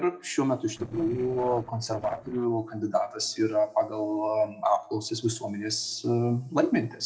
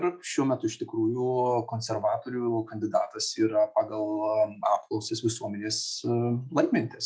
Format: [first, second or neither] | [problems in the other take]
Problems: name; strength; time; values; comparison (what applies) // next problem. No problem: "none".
second | noise reduction (neural separator model SepFormer DNS4)